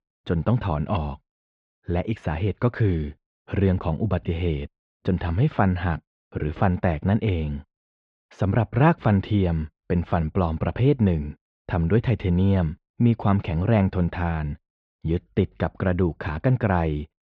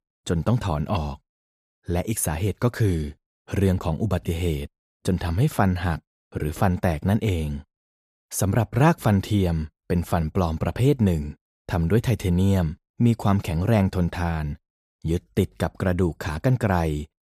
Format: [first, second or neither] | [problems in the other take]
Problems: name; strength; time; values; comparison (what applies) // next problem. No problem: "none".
second | muffled; very; fading above 3 kHz